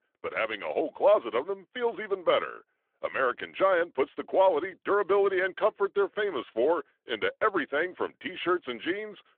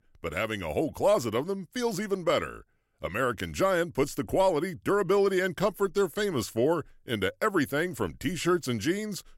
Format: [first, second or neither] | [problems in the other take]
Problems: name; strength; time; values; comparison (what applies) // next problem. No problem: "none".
second | phone-call audio